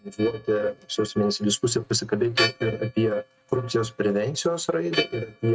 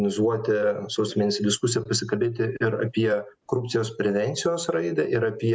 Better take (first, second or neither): second